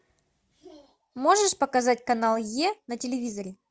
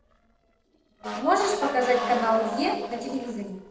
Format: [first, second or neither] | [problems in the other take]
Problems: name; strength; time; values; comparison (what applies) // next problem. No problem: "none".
first | noise reduction (neural separator model SepFormer DNS4)